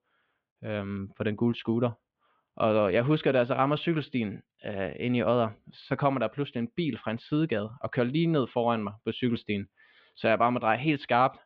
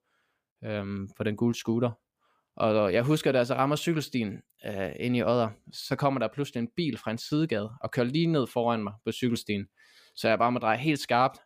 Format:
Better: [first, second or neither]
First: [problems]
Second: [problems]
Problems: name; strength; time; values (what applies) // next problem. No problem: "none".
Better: second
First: muffled; very; fading above 3.5 kHz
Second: none